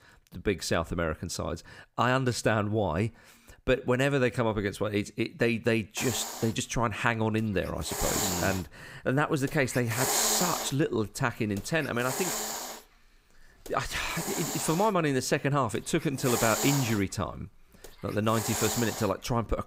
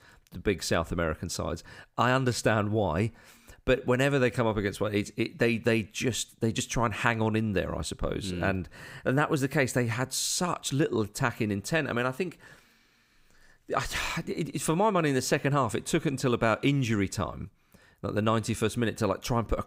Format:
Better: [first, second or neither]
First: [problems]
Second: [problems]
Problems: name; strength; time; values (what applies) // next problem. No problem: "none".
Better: second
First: hiss; loud; from 6 s on; 3 dB below the speech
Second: none